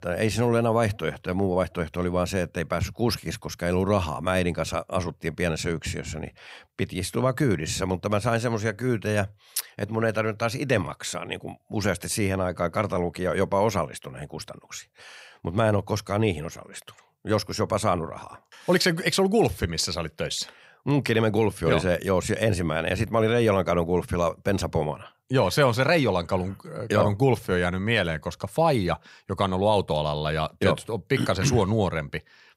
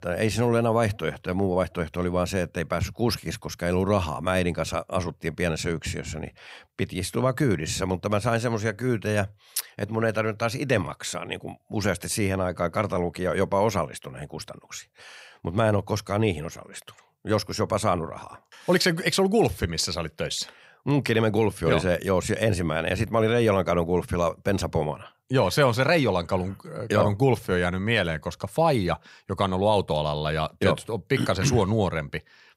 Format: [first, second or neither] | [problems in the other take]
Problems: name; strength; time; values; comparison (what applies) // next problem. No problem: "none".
neither | none